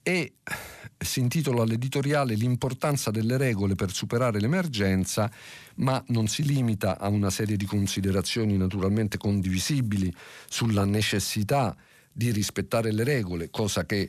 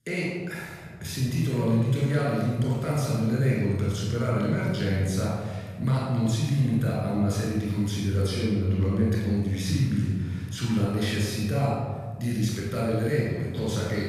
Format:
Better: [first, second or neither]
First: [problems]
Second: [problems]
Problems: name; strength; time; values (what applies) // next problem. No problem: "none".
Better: first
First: none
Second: off-mic speech; far // room echo; strong; dies away in 1.7 s